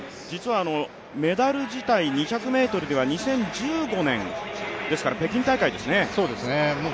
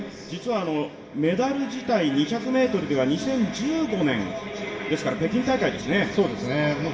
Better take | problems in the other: first | room echo; dies away in 0.7 s

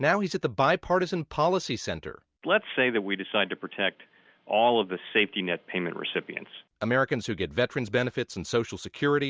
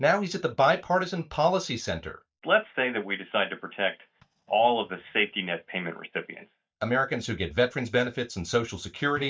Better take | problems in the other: first | noise reduction (neural mask model DeepFilterNet 3)

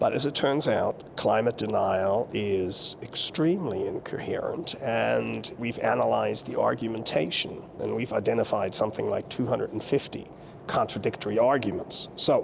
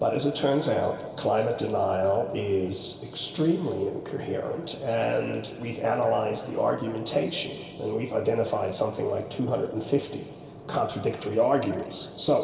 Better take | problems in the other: first | room echo; dies away in 2.2 s

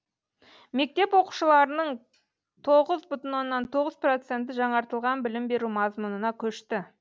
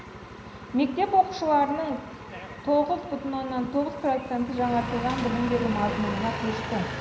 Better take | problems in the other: first | background sound (Engine); 8 dB below the speech // room echo; dies away in 0.9 s

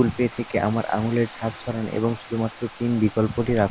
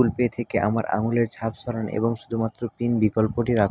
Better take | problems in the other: second | background sound (Bathtub (filling or washing)); 17 dB below the speech

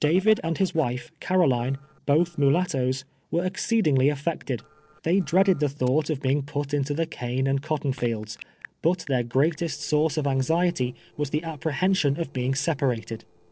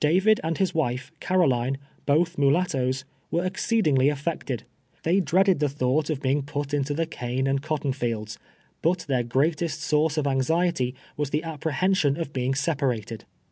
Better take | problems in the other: second | noise reduction (neural separator model SepFormer DNS4)

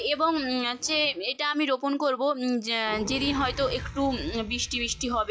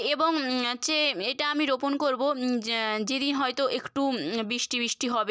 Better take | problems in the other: second | noise reduction (classical method log-MMSE)

